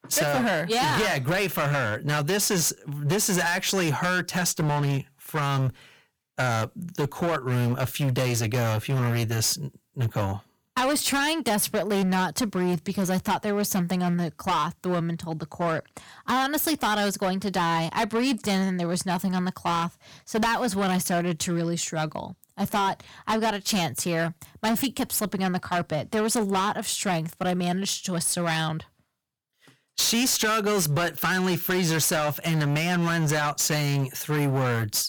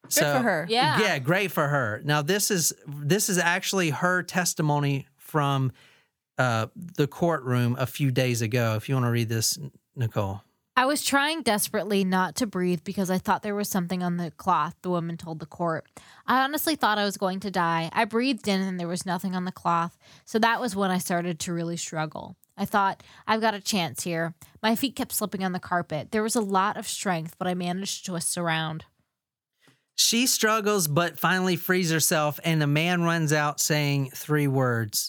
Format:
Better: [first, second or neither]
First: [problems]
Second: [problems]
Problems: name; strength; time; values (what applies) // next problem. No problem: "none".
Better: second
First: distortion; heavy; 18% of the sound clipped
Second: none